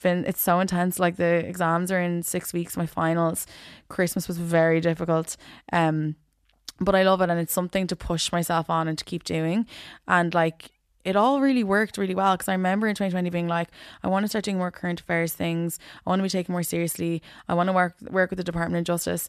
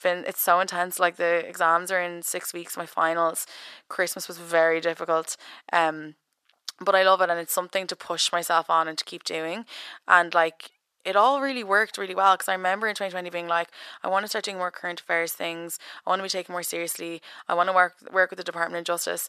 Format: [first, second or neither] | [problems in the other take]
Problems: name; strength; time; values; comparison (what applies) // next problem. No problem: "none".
first | thin; very; fading below 550 Hz